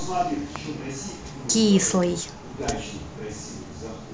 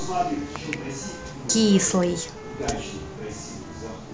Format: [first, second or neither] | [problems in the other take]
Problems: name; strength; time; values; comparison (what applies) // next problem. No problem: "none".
first | background sound (Wind instrument, woodwind instrument + Finger snapping); 16 dB below the speech